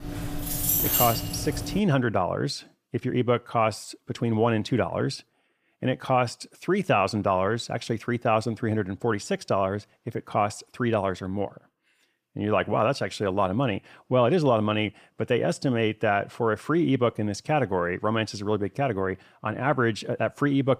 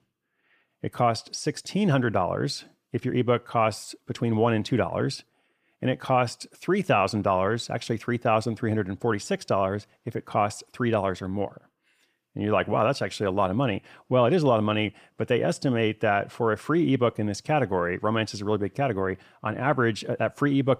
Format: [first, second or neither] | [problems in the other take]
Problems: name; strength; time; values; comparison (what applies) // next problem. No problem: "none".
second | jangling keys; loud; until 2 s; peak 5 dB above the speech